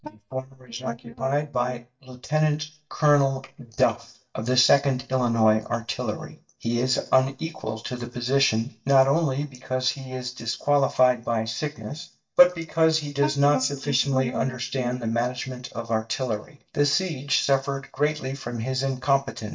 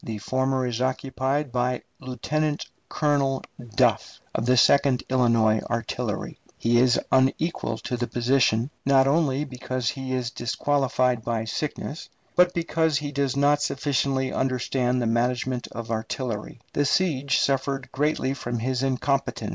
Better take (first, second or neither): second